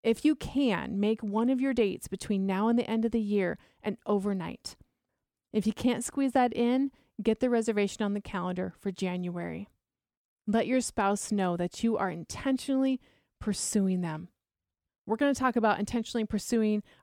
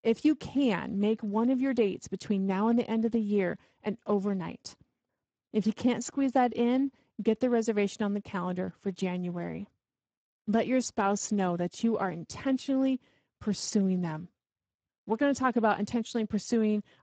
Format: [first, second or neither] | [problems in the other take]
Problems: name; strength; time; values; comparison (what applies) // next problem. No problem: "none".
first | garbled, watery; badly; nothing above 7.5 kHz